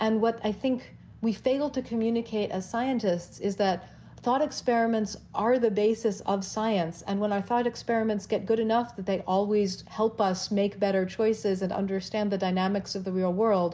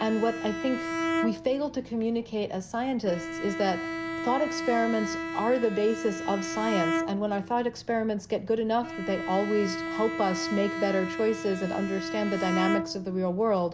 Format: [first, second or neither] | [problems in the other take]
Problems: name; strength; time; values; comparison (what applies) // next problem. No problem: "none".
first | background sound (Bowed string instrument); 5 dB below the speech